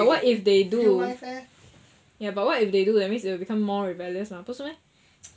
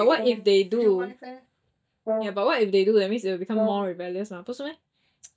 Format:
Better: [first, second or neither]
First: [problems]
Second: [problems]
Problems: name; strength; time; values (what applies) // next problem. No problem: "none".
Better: first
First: none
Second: noise reduction (neural mask model DeepFilterNet 3)